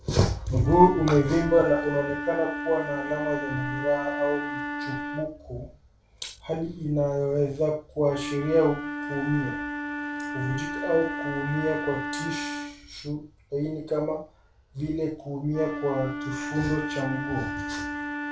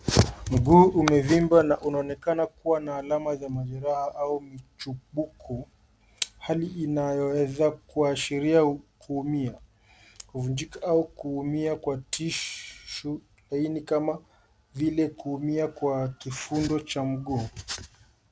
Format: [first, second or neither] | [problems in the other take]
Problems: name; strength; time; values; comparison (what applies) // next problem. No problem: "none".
second | background sound (Wind instrument, woodwind instrument); 7 dB below the speech // room echo; dies away in 0.3 s